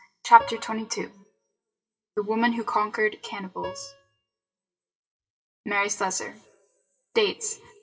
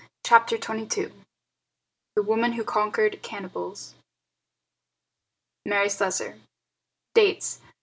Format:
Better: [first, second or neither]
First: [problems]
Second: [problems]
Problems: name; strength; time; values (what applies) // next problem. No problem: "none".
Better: second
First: noise reduction (classical method WPE with log-MMSE)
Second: none